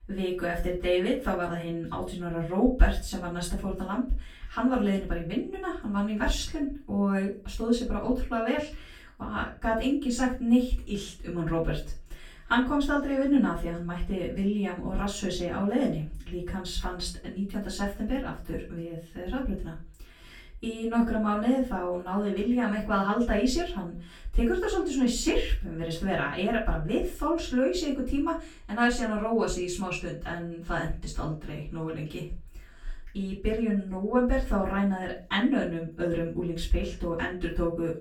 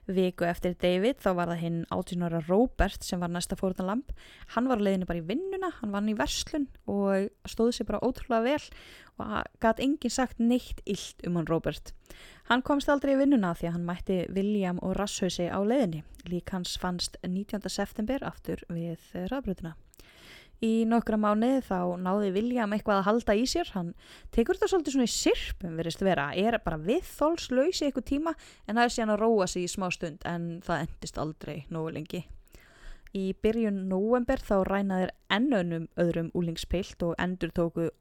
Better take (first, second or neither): second